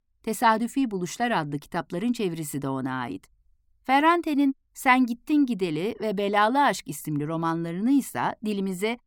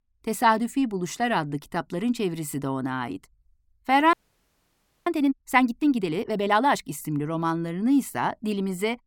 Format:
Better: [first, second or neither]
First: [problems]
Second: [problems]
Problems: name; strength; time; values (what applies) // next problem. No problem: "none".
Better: first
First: none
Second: audio freezing; at 4 s for 1 s